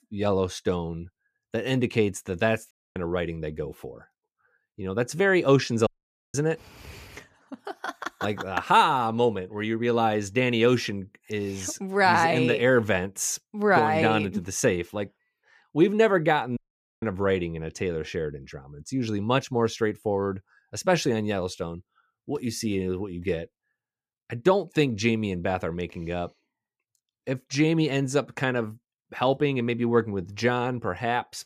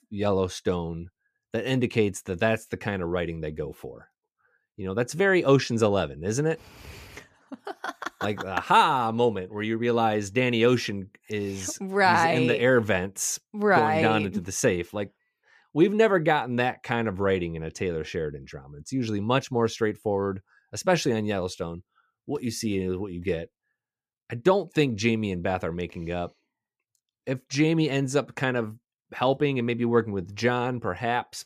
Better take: second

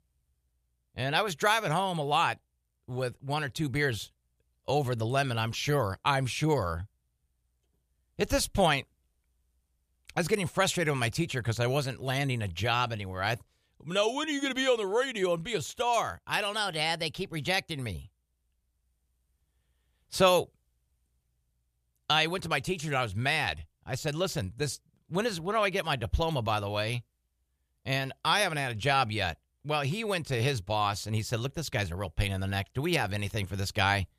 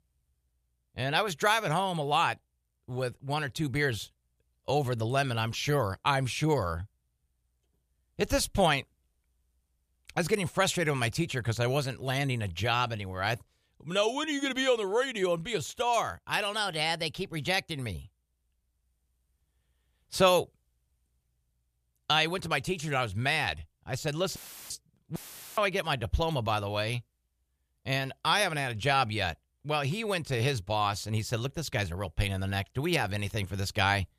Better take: first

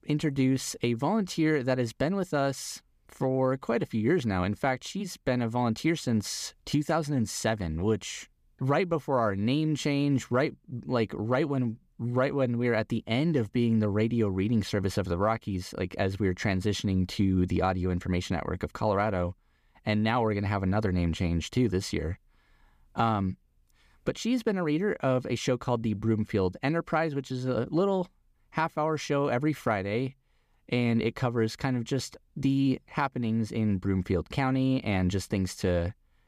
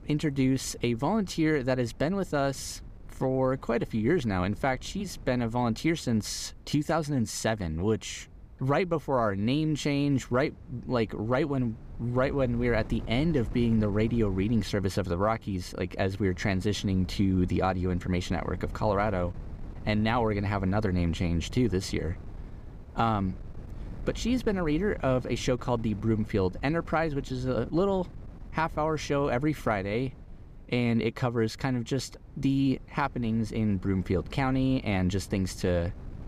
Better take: first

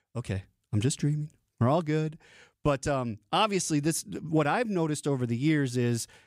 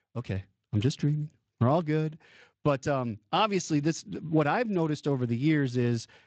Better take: first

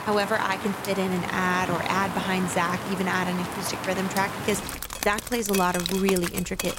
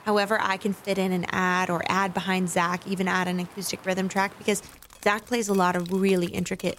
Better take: second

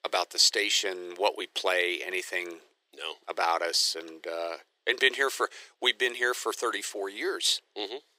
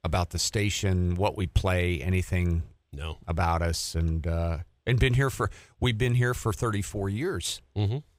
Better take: second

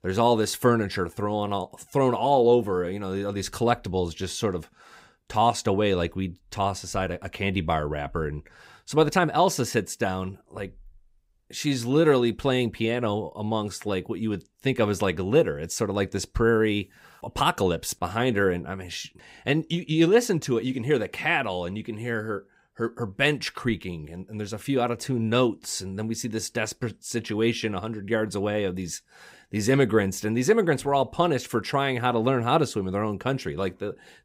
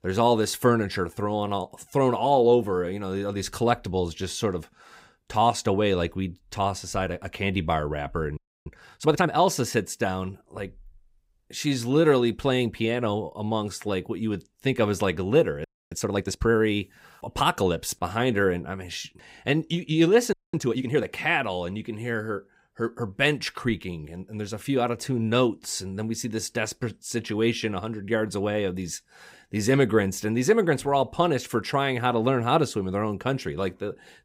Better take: first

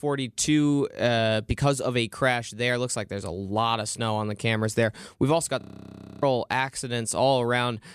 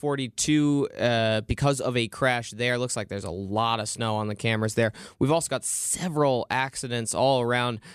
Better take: second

